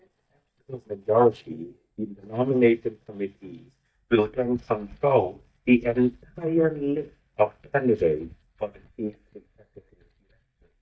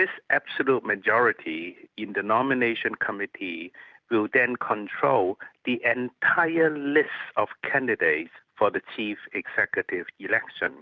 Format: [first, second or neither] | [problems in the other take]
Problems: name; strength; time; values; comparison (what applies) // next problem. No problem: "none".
second | noise reduction (neural mask model DeepFilterNet 3)